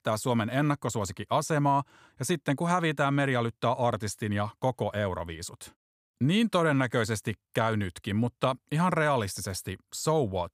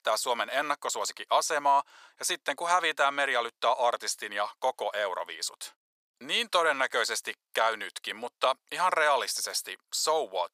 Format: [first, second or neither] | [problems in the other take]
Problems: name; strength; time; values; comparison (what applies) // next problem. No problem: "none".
first | thin; very; fading below 600 Hz